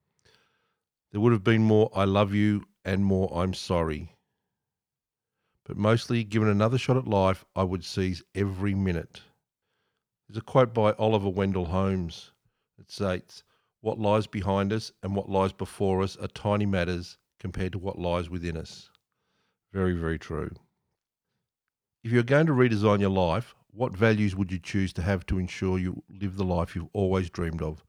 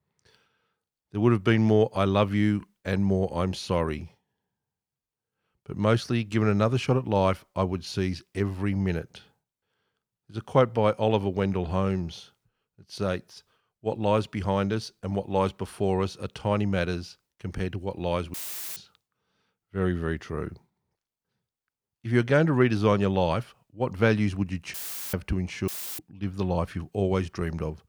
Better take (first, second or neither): first